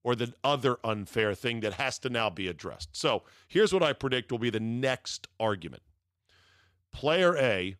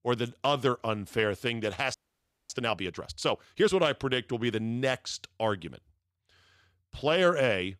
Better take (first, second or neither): first